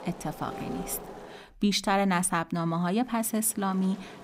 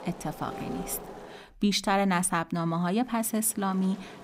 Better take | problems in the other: neither | wind noise on the microphone; occasional gusts; until 1.5 s and from 2.5 s on; 15 dB below the speech; the same in both

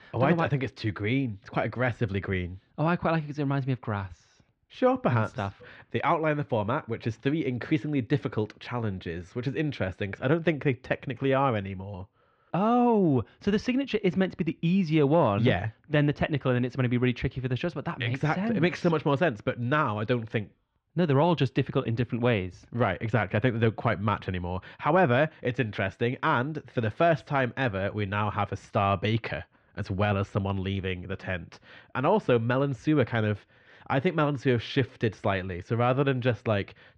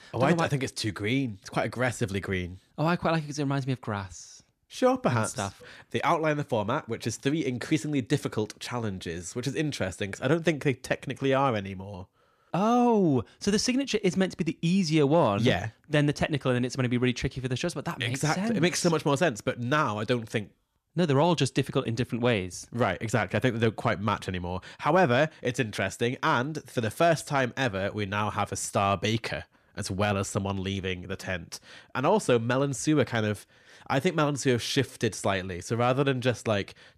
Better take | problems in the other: second | muffled; slightly; fading above 3 kHz

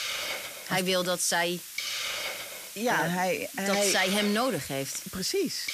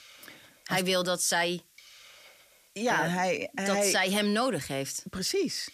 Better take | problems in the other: second | hiss; loud; throughout; 7 dB below the speech; faint in the second

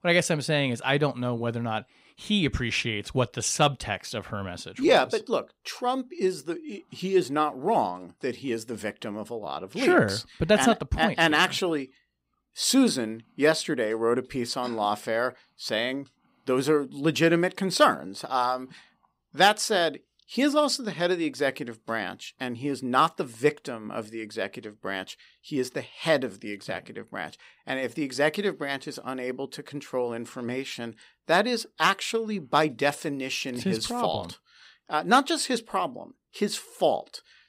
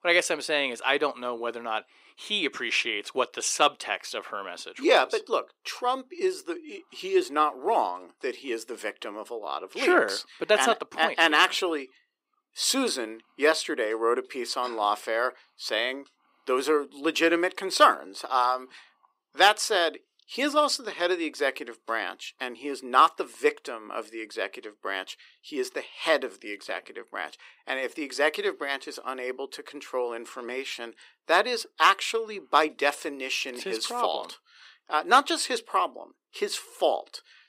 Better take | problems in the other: first | thin; somewhat; fading below 350 Hz

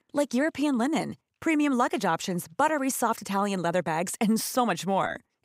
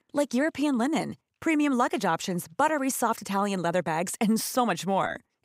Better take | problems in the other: neither | none

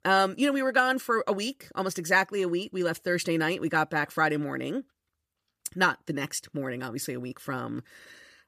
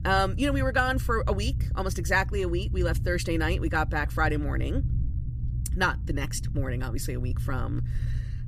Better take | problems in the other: first | low rumble; noticeable; throughout; 20 dB below the speech

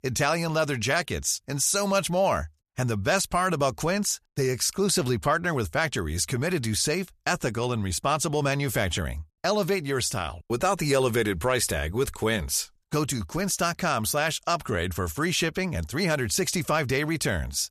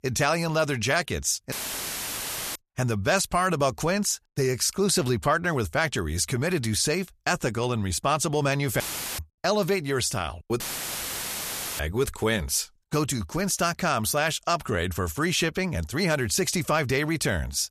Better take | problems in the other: first | audio cutting out; filled with static; at 1.5 s for 1 s, at 9 s and at 11 s for 1 s

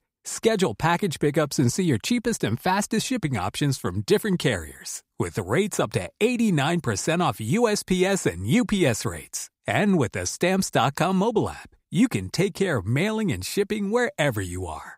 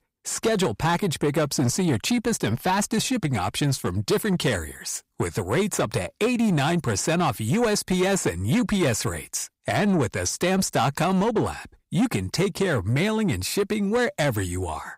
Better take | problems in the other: first | distortion; slight; 10 dB below the speech

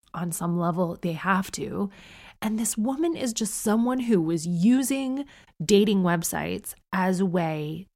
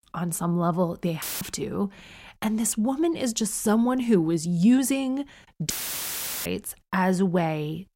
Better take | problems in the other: first | audio cutting out; filled with static; at 1 s and at 5.5 s for 1 s

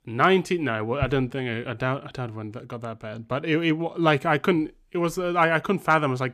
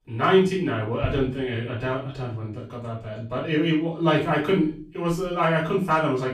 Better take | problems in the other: first | room echo; slight; dies away in 0.4 s // off-mic speech; far

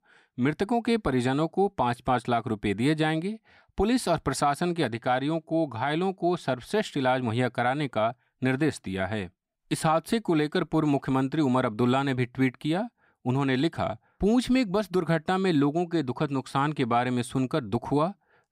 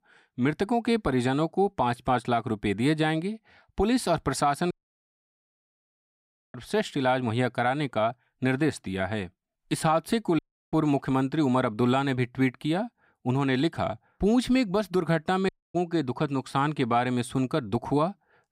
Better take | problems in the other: first | audio cutting out; at 4.5 s for 2 s, at 10 s and at 15 s

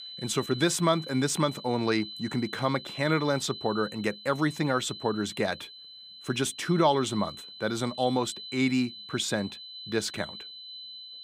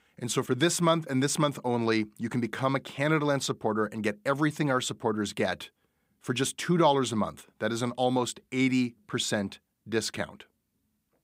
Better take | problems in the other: second | high-pitched whine; noticeable; throughout; 4 kHz, 10 dB below the speech

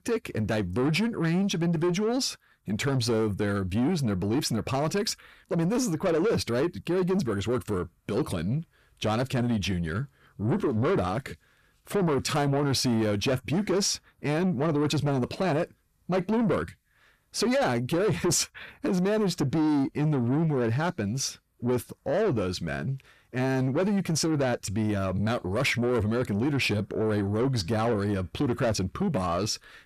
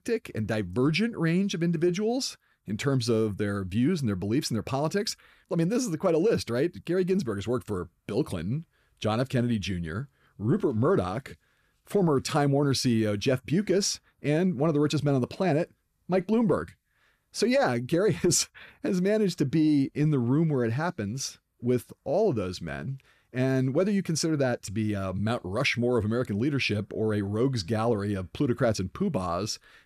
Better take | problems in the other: second | distortion; slight; 10 dB below the speech

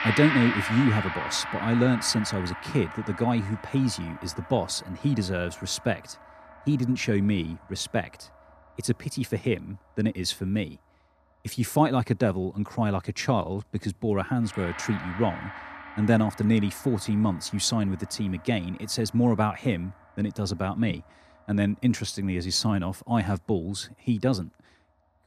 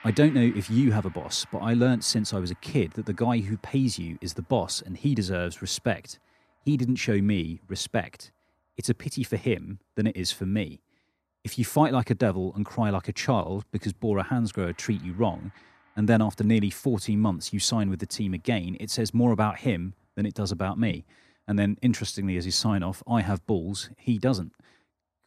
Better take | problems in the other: second | background music; loud; throughout; 8 dB below the speech; faint in the second

